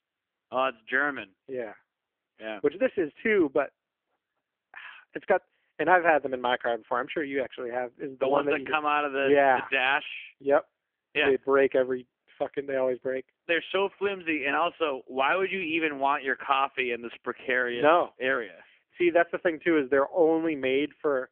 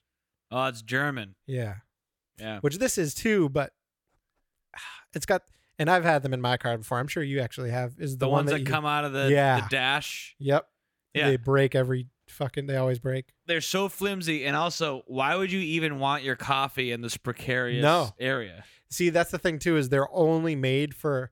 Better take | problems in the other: second | phone-call audio; poor line; nothing above 3 kHz

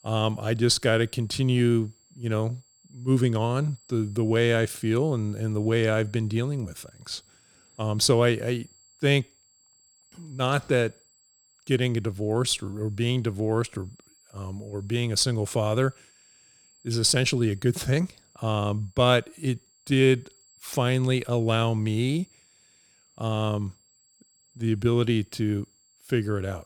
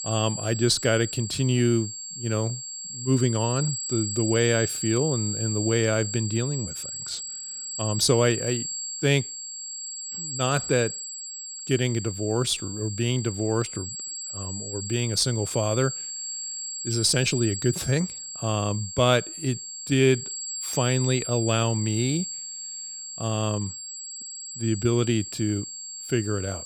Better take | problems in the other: first | high-pitched whine; loud; throughout; 7.5 kHz, 6 dB below the speech; faint in the first

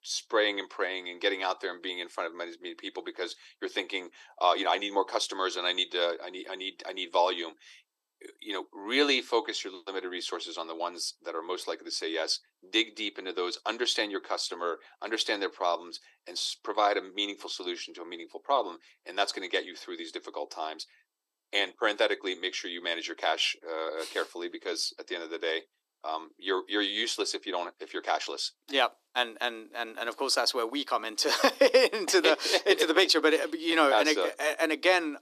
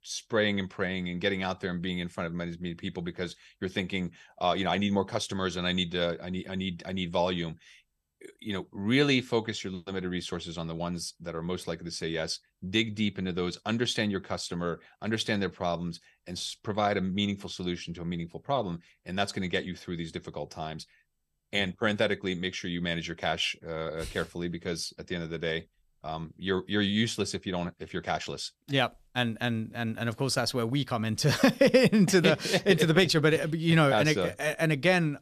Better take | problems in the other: second | thin; very; fading below 300 Hz

